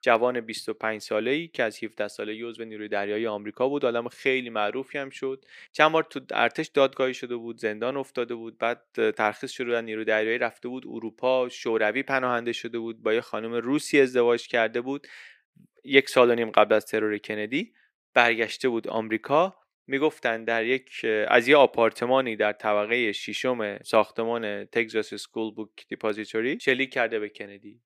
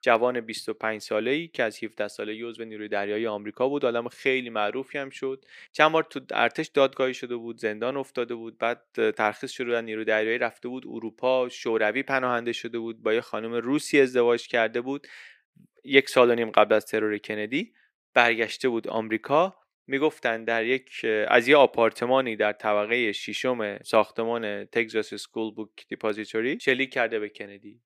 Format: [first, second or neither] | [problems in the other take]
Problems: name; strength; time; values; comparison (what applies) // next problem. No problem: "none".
neither | thin; somewhat; fading below 350 Hz; the same in both